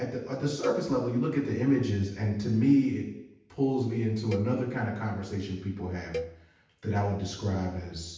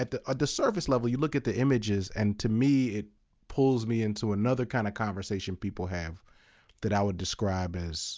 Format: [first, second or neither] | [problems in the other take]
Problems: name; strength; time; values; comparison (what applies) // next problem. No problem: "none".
second | background sound (Cowbell); 13 dB below the speech // room echo; dies away in 0.9 s